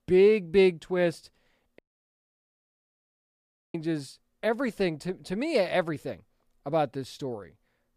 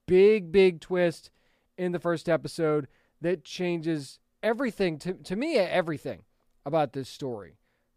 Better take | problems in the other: second | audio cutting out; at 2 s for 2 s

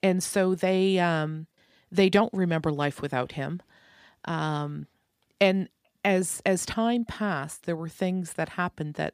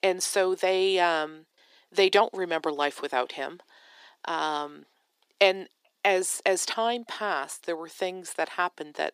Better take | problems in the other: first | thin; very; fading below 350 Hz

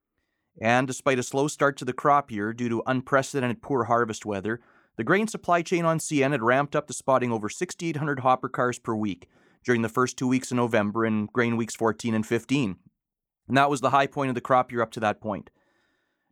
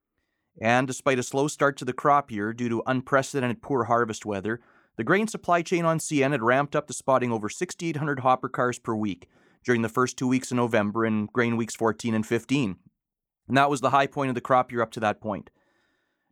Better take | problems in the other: neither | none

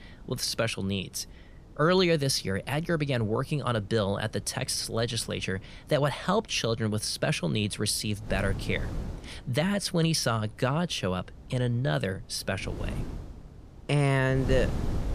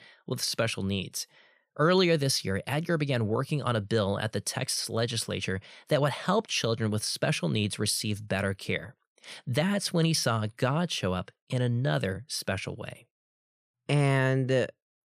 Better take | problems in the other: second | wind noise on the microphone; occasional gusts; 20 dB below the speech

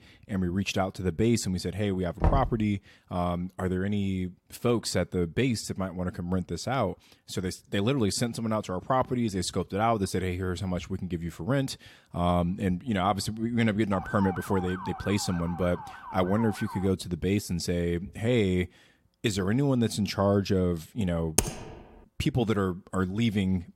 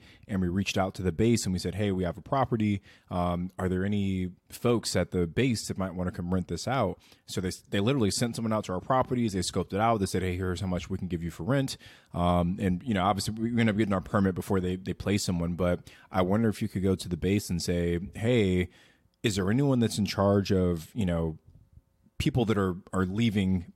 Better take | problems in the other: second | door banging; loud; at 2 s; peak level with the speech // siren; noticeable; from 14 to 17 s; peak 8 dB below the speech // keyboard typing; loud; at 21 s; peak 1 dB above the speech

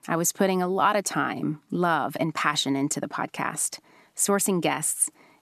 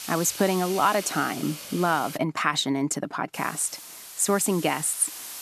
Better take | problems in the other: first | hiss; noticeable; until 2 s and from 3.5 s on; 10 dB below the speech

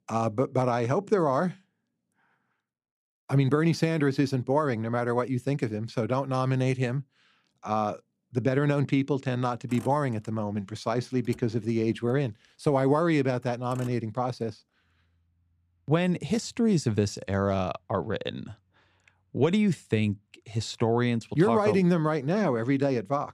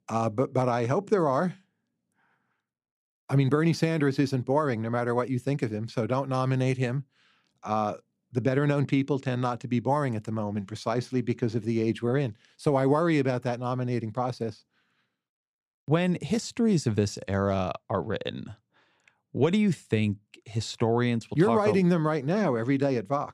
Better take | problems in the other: second | traffic noise; faint; from 9 s on; 25 dB below the speech

